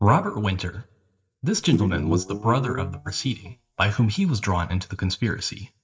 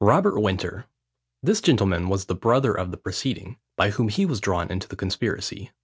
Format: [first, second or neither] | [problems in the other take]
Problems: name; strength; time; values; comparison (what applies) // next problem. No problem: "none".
second | noise reduction (neural mask model DeepFilterNet 3)